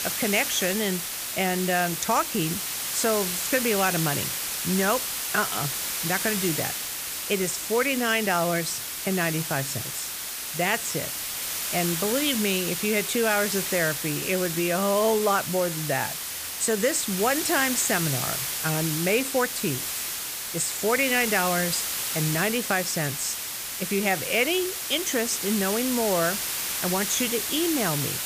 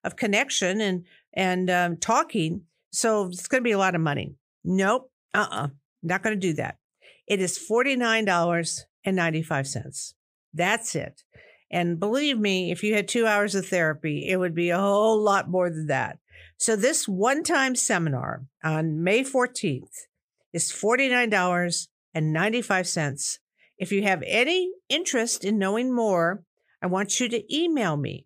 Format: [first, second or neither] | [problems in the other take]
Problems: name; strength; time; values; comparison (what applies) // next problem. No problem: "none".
second | hiss; loud; throughout; 2 dB below the speech